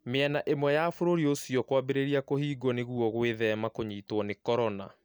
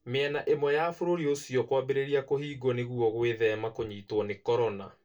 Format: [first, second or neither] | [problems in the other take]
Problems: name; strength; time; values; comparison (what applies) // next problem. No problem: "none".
first | room echo; dies away in 0.2 s